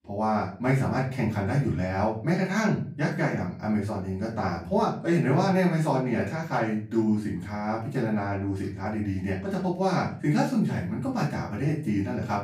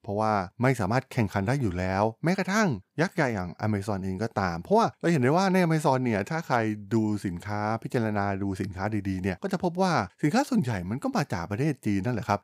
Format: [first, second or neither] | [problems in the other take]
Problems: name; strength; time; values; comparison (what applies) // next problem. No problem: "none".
second | off-mic speech; far // room echo; slight; dies away in 0.5 s